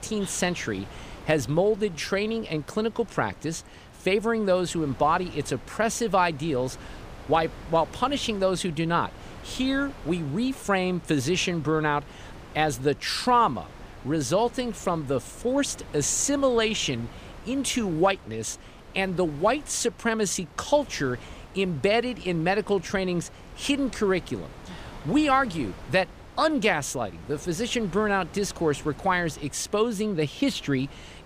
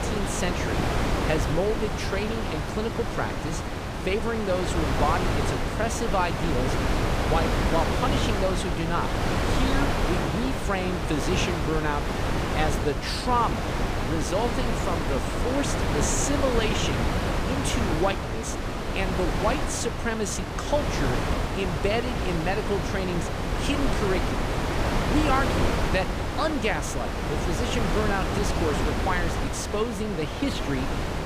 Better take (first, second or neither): first